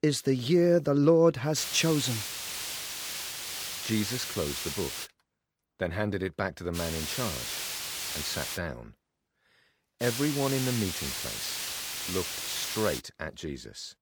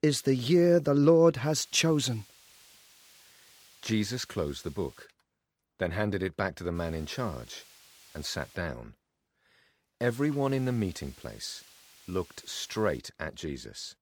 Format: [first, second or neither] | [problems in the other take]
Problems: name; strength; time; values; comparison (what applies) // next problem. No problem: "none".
second | hiss; loud; from 1.5 to 5 s, from 7 to 8.5 s and from 10 to 13 s; 4 dB below the speech; faint in the second